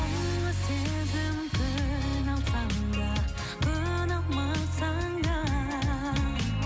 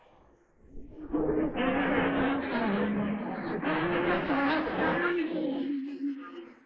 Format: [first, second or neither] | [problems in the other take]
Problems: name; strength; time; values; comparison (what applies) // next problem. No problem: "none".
first | noise reduction (neural mask model Resemble Enhance denoiser)